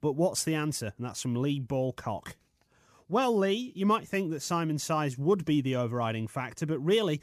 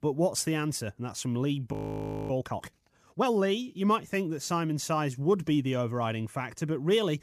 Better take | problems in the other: first | audio freezing; at 1.5 s for 0.5 s

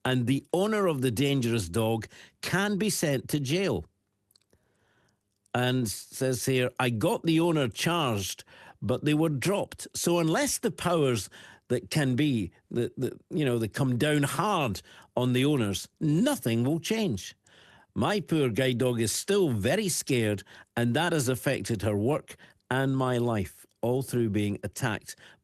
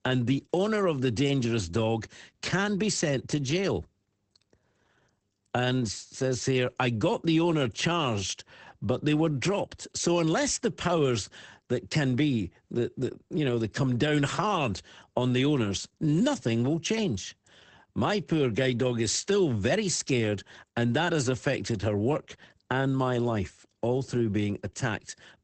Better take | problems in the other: first | garbled, watery; badly; nothing above 8 kHz; slightly in the first

